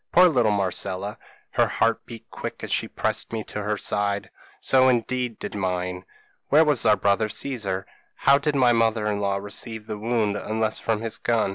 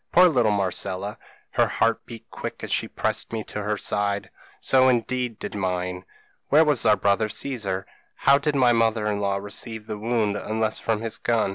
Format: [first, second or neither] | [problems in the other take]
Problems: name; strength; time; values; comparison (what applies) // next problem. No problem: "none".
second | noise reduction (neural mask model Resemble Enhance denoiser)